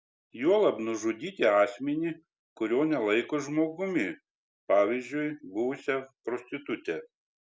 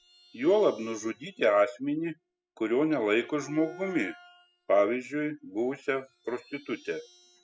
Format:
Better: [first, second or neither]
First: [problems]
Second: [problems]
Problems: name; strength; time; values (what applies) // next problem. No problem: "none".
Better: first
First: none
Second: noise reduction (classical method spectral subtraction)